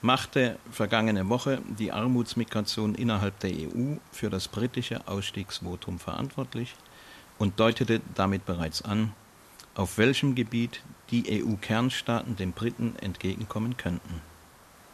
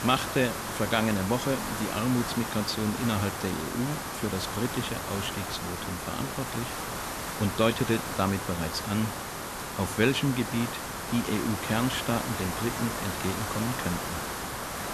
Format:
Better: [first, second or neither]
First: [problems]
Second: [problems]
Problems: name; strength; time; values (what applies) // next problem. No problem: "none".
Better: first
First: hiss; faint; throughout; 25 dB below the speech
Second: hiss; loud; throughout; 3 dB below the speech